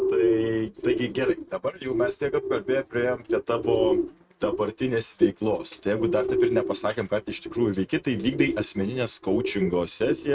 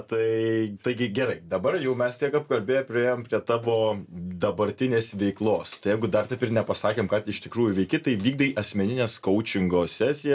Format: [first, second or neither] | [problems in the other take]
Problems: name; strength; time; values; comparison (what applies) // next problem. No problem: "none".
second | noise reduction (neural mask model RNNoise)